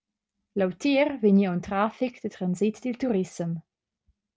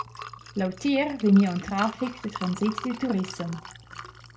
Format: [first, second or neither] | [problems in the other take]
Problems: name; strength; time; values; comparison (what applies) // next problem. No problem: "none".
first | background sound (Liquid); 13 dB below the speech // room echo; dies away in 0.3 s